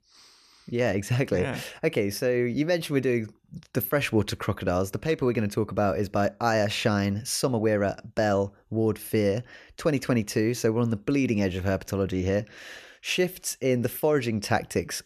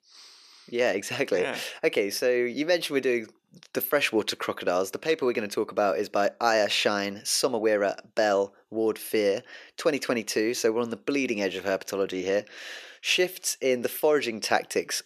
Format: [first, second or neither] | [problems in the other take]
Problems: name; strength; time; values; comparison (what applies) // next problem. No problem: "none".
first | thin; somewhat; fading below 400 Hz